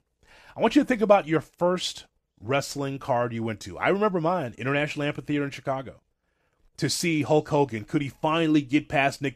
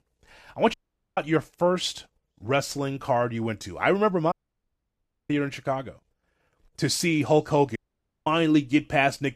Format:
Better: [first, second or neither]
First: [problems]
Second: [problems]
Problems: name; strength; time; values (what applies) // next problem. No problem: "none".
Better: first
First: none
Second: audio cutting out; at 0.5 s, at 4.5 s for 1 s and at 8 s for 0.5 s